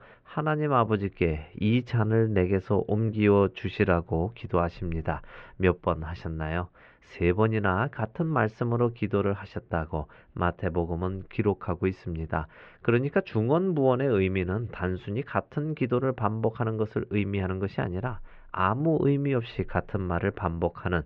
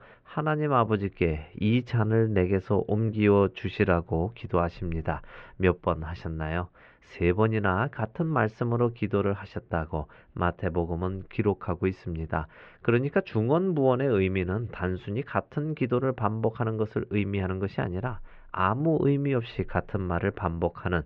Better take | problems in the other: neither | muffled; very; fading above 3 kHz; the same in both

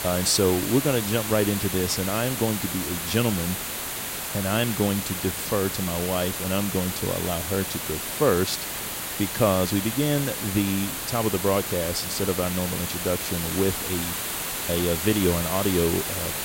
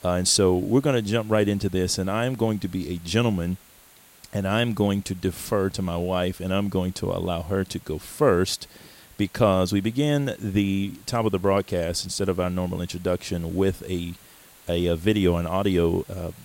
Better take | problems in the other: second | hiss; loud; throughout; 3 dB below the speech; faint in the second

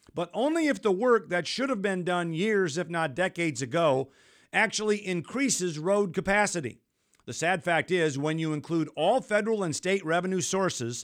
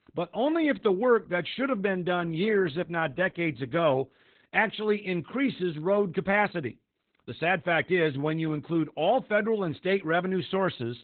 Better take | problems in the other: first | garbled, watery; badly; nothing above 4 kHz

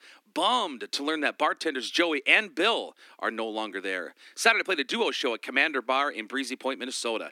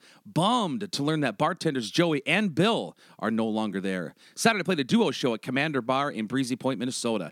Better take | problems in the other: second | thin; somewhat; fading below 300 Hz

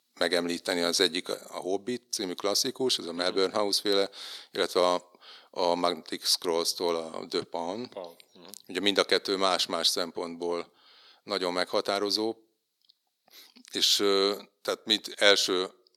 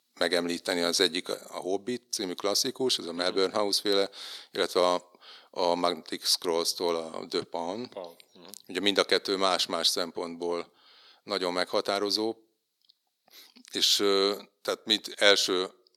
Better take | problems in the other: neither | thin; very; fading below 400 Hz; the same in both

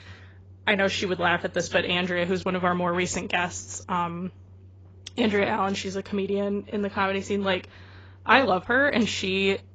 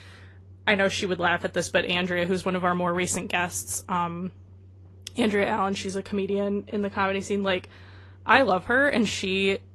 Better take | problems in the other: second | garbled, watery; badly; nothing above 7.5 kHz; slightly in the second

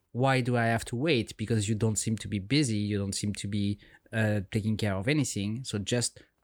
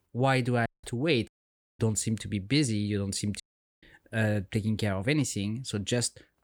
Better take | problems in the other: first | audio cutting out; at 0.5 s, at 1.5 s for 0.5 s and at 3.5 s

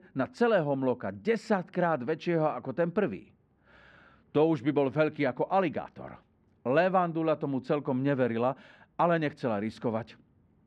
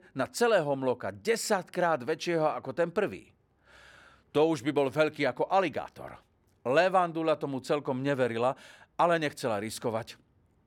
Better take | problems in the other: second | muffled; slightly; fading above 3 kHz

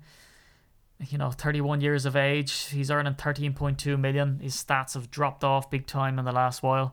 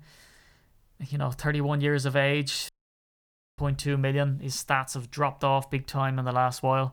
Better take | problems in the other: first | audio cutting out; at 2.5 s for 1 s

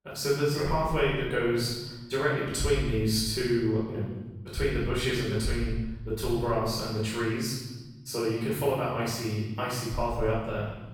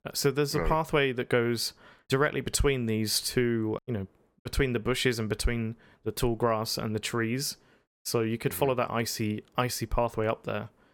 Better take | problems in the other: second | off-mic speech; far // room echo; strong; dies away in 1.1 s

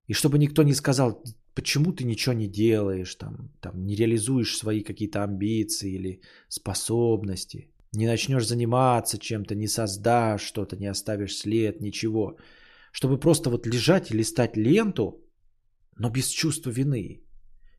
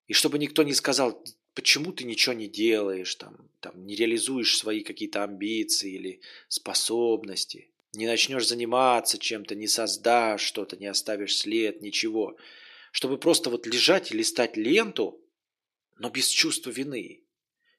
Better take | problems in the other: first | thin; somewhat; fading below 300 Hz

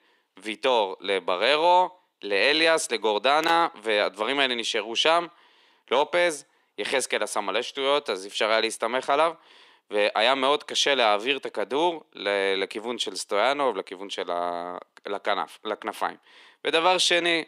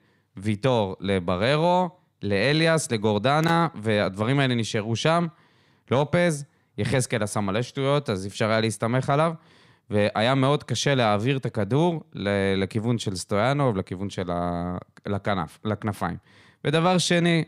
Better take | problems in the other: second | thin; very; fading below 350 Hz

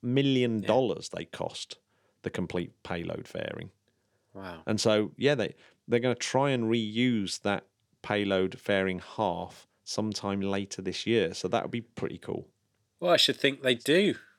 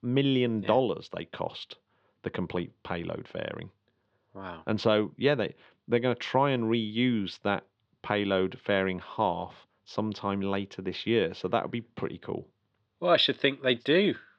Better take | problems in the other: first | muffled; slightly; fading above 3.5 kHz

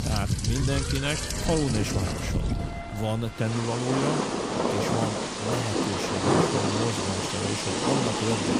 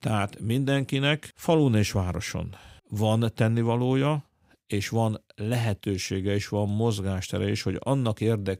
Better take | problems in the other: second | rain or running water; very loud; throughout; 3 dB above the speech

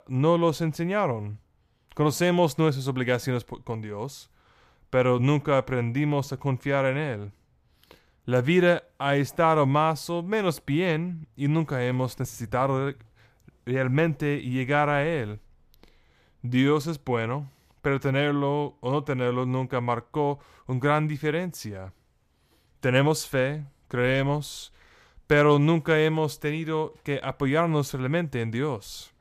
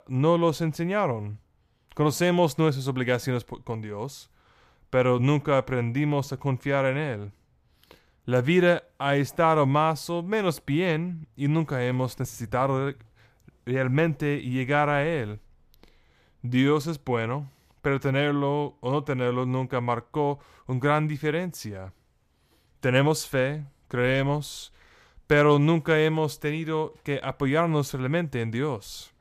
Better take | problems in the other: neither | none

